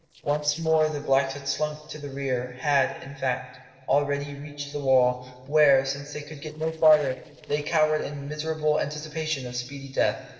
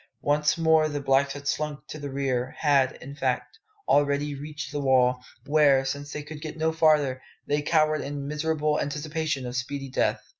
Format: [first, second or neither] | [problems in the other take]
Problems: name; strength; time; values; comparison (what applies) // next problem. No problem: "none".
second | noise reduction (neural separator model SepFormer DNS4)